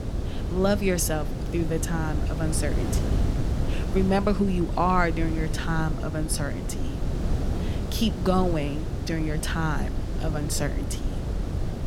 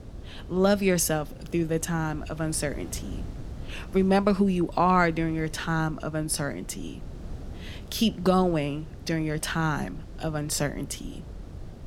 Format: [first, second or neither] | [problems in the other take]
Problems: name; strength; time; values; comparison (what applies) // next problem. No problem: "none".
second | wind noise on the microphone; heavy; 9 dB below the speech; occasional gusts in the second